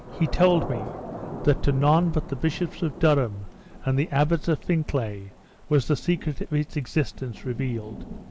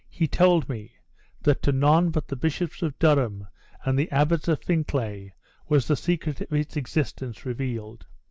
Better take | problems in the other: second | background sound (Thunder / Rain); 14 dB below the speech

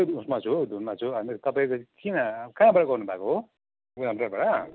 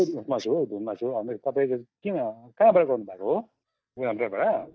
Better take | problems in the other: first | noise reduction (neural mask model DeepFilterNet 3)

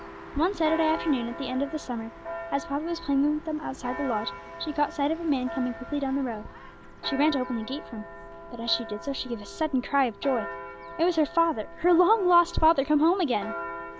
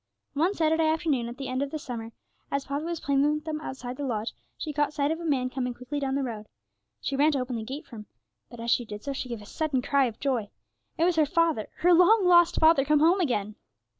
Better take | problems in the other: second | background sound (Church bell); 12 dB below the speech

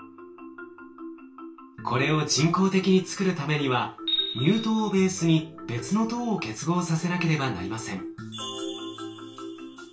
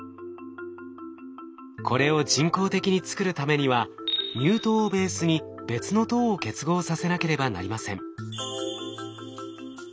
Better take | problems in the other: second | room echo; dies away in 0.3 s

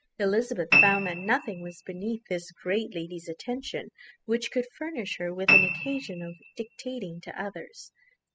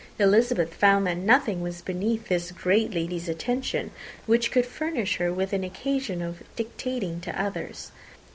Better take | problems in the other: second | noise reduction (classical method spectral subtraction)

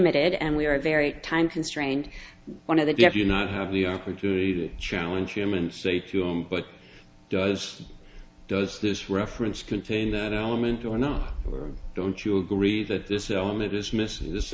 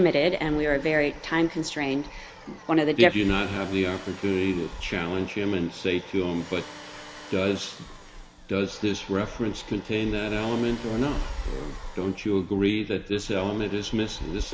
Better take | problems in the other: first | background sound (Tools + Domestic sounds, home sounds); 19 dB below the speech

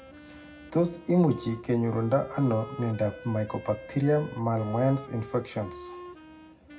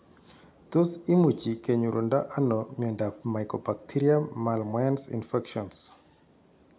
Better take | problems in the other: second | background sound (Wind instrument, woodwind instrument); 16 dB below the speech // room echo; dies away in 0.3 s

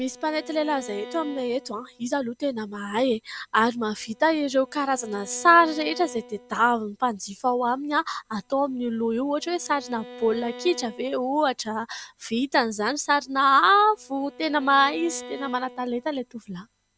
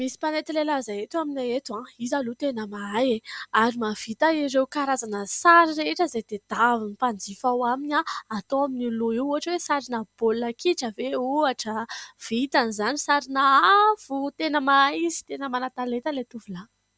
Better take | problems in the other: second | background sound (Bowed string instrument); 20 dB below the speech

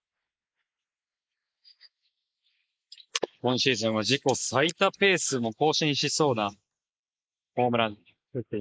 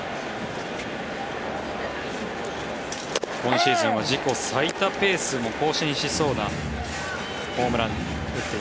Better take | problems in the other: second | noise reduction (neural mask model Resemble Enhance denoiser)

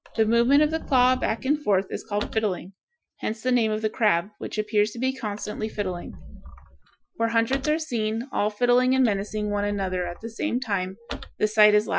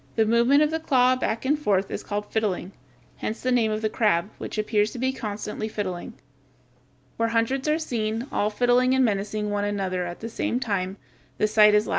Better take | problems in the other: second | noise reduction (classical method Wiener filter)

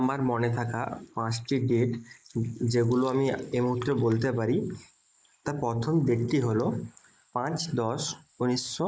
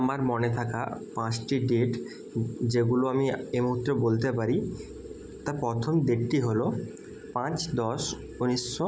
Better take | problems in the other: second | noise reduction (neural mask model Resemble Enhance denoiser)

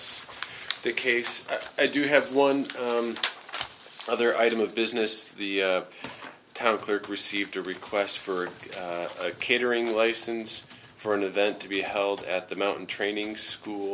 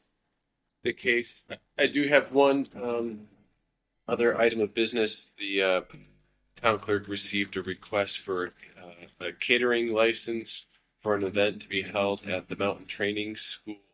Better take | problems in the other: first | noise reduction (neural mask model DeepFilterNet 3)

